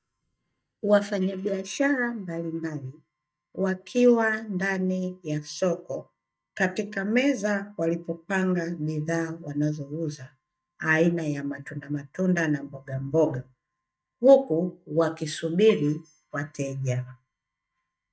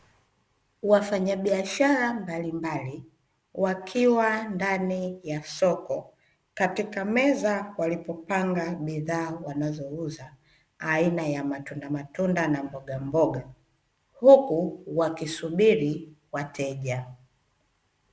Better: second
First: noise reduction (neural mask model DeepFilterNet 3)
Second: none

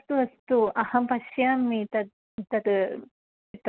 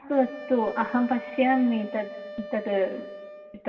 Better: first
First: none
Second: background sound (Wind instrument, woodwind instrument); 13 dB below the speech // room echo; dies away in 1.7 s

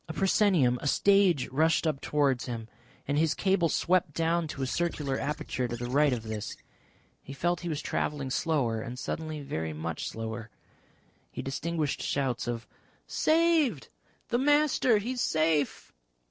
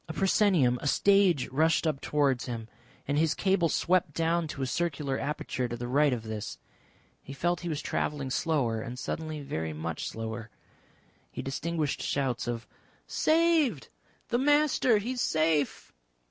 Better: second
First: noise reduction (neural separator model SepFormer DNS4)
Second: none

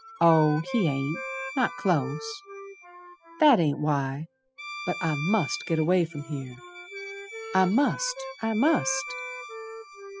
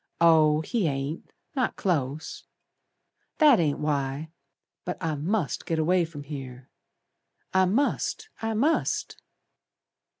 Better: second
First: noise reduction (classical method spectral subtraction)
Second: none

